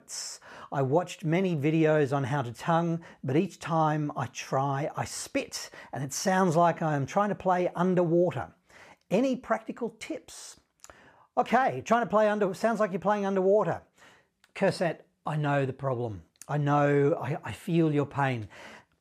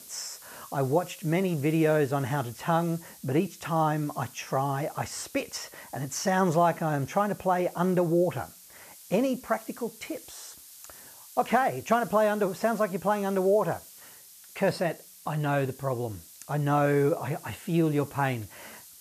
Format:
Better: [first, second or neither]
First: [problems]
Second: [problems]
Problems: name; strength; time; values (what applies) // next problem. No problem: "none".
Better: first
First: none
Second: hiss; noticeable; throughout; 20 dB below the speech